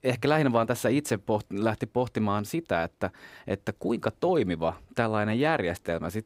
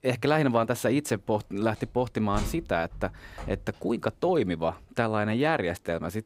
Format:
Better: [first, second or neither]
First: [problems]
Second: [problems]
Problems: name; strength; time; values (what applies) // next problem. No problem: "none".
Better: first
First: none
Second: door banging; noticeable; from 2 to 3.5 s; peak 9 dB below the speech